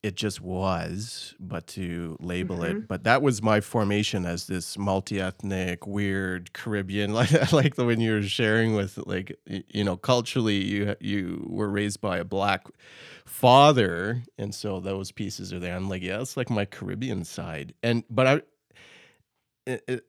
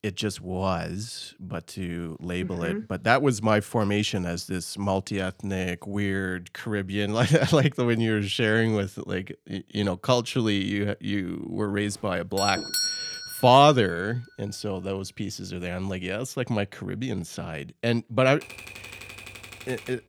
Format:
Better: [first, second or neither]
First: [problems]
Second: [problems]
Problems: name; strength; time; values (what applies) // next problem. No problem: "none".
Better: first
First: none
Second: doorbell; loud; from 12 to 13 s; peak 1 dB above the speech // keyboard typing; faint; from 18 s on; peak 15 dB below the speech